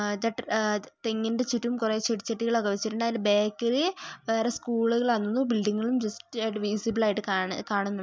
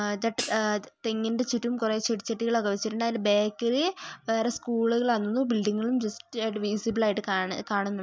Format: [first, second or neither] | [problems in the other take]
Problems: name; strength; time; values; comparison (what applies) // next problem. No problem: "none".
first | background sound (Hi-hat); 12 dB below the speech